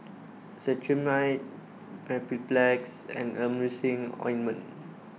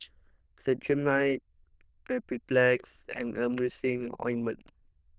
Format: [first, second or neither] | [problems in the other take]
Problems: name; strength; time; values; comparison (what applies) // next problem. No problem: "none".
first | noise reduction (neural diffusion model UNIVERSE++)